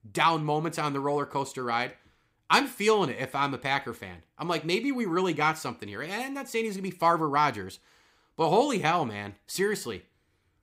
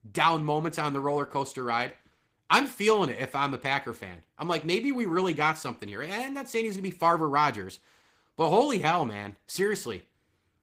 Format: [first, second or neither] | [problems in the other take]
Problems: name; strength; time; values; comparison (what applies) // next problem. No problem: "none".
first | garbled, watery; slightly; nothing above 15.5 kHz